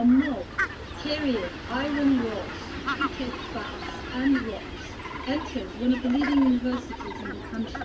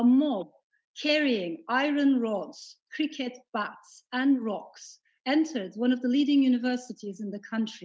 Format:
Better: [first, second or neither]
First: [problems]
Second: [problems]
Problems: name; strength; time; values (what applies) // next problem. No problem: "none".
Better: second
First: background sound (Fowl); 7 dB below the speech // room echo; dies away in 0.1 s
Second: none